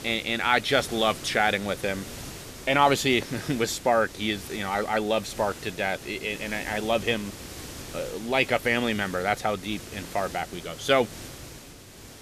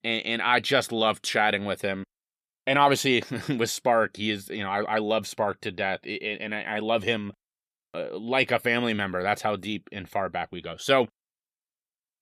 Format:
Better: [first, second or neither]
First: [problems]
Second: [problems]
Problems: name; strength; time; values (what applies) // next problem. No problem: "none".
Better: second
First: hiss; noticeable; throughout; 15 dB below the speech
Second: none